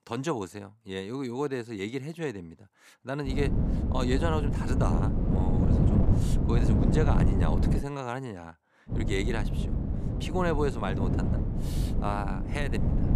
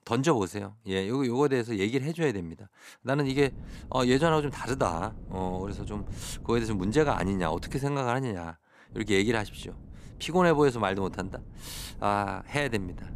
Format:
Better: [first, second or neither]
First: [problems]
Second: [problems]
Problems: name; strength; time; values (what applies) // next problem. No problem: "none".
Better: second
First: wind noise on the microphone; heavy; from 3.5 to 8 s and from 9 s on; 3 dB below the speech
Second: wind noise on the microphone; occasional gusts; from 3.5 to 8 s and from 9 s on; 25 dB below the speech